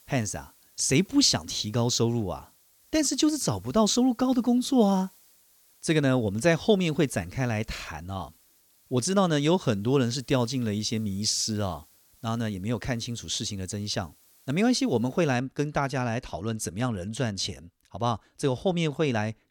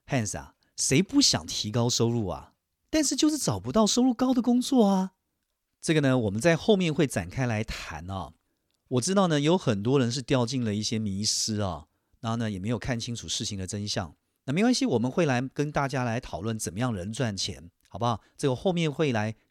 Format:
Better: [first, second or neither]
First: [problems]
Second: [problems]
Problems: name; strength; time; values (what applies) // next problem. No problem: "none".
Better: second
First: hiss; faint; until 15 s; 30 dB below the speech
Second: none